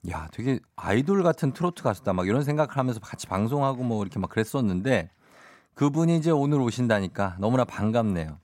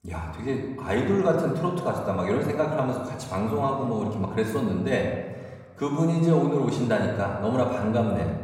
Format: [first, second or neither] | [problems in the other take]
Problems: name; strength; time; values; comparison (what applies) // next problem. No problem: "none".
first | off-mic speech; far // room echo; noticeable; dies away in 1.2 s